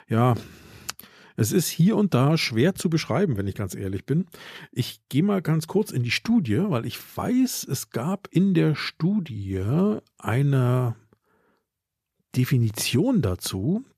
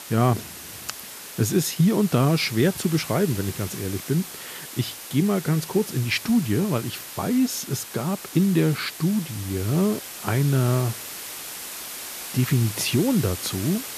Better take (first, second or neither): first